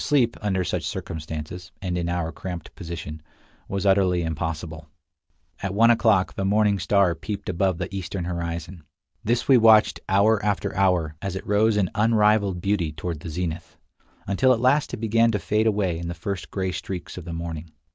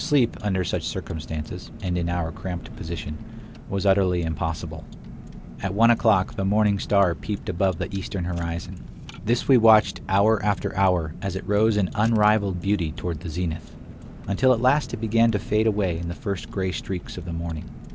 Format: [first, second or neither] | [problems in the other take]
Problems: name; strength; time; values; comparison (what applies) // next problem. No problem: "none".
first | background sound (Car); 13 dB below the speech